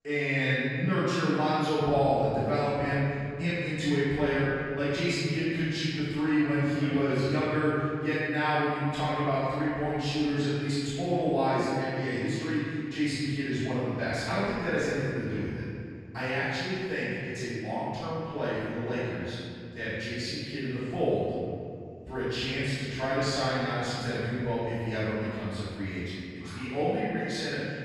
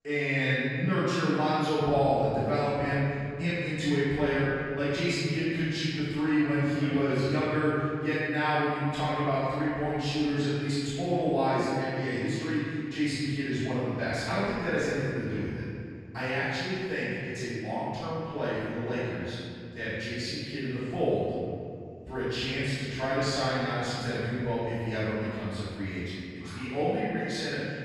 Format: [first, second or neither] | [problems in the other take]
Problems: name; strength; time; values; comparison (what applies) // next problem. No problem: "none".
neither | off-mic speech; far; the same in both // room echo; strong; dies away in 2.3 s; the same in both